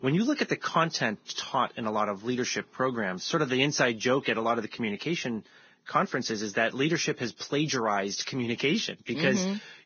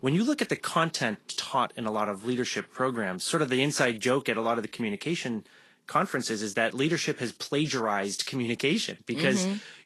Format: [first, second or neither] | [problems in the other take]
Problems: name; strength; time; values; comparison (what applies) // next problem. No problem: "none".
second | garbled, watery; badly; nothing above 6.5 kHz; slightly in the second